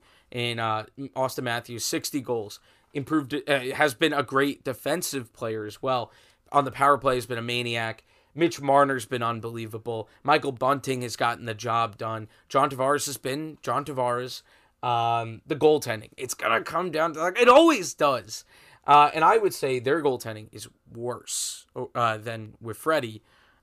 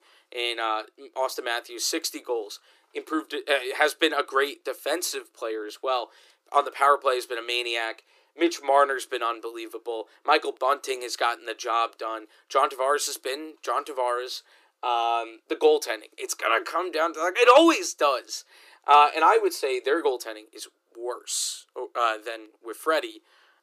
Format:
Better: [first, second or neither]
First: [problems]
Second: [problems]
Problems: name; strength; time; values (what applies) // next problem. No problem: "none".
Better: first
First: none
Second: thin; very; fading below 350 Hz